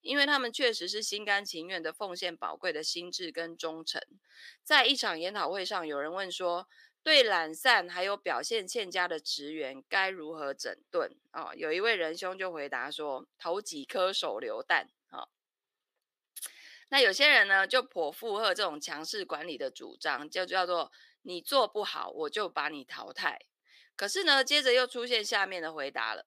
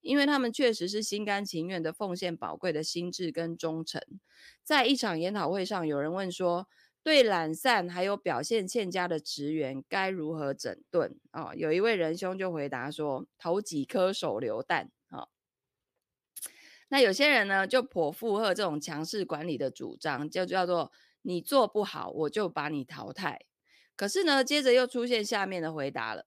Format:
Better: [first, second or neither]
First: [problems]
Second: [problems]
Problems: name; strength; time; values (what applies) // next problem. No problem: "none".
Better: second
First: thin; somewhat; fading below 450 Hz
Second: none